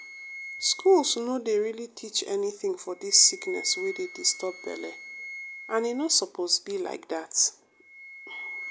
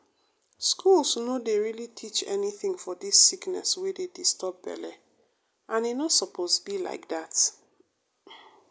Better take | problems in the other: second | background sound (Wind instrument, woodwind instrument); 15 dB below the speech

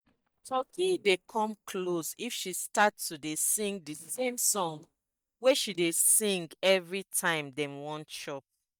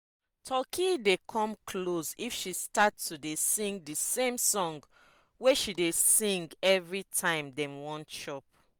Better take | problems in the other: second | noise reduction (neural mask model DeepFilterNet 3)

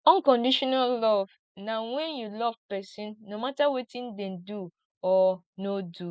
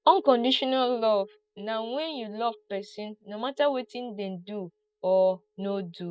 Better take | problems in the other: first | noise reduction (neural mask model DeepFilterNet 3)

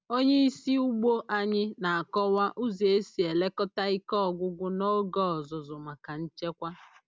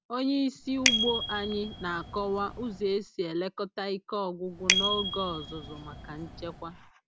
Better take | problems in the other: first | background sound (Bicycle bell); as loud as the speech

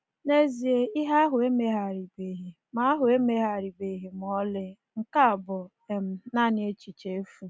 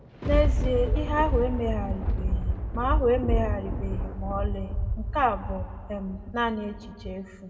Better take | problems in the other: first | background sound (Thunder); 1 dB above the speech // room echo; dies away in 1.1 s

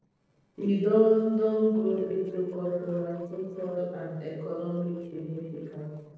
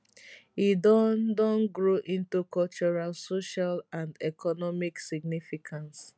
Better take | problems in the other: second | noise reduction (neural separator model SepFormer DNS4)

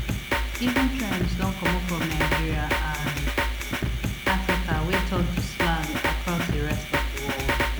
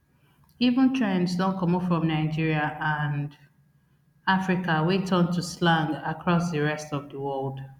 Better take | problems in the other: second | background sound (Drum kit); 4 dB above the speech

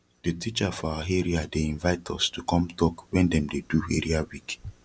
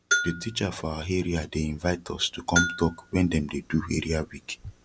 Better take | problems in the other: first | background sound (Bell); 5 dB below the speech

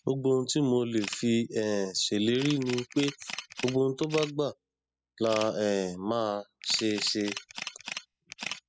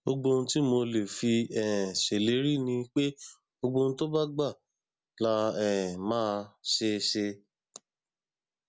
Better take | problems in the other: second | noise reduction (classical method spectral subtraction)

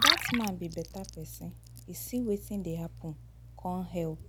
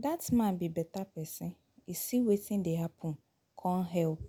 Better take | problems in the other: second | background sound (Liquid); 1 dB above the speech

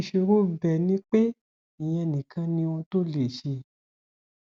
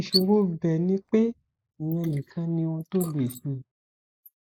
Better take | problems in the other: first | noise reduction (neural mask model Resemble Enhance denoiser)

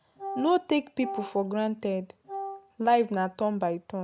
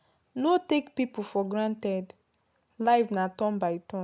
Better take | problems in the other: second | background sound (Wind instrument, woodwind instrument); 10 dB below the speech

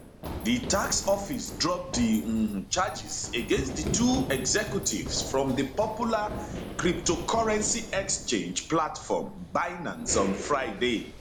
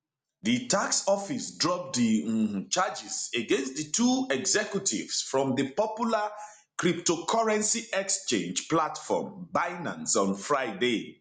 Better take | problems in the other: second | background sound (Run); 9 dB below the speech

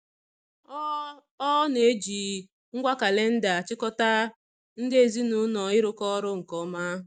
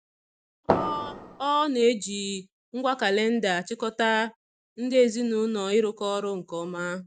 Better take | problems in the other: first | background sound (Fireworks); 2 dB below the speech

